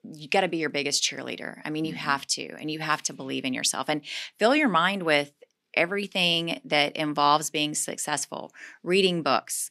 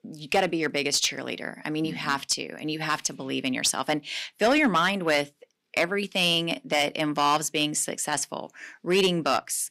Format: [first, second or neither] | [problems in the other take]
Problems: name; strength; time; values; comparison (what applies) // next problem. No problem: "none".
first | distortion; slight; 3% of the sound clipped